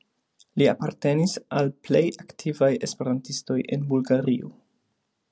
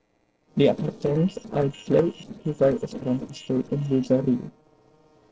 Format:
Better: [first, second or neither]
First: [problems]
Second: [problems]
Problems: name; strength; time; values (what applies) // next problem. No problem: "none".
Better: first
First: none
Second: noise reduction (neural separator model SepFormer DNS4)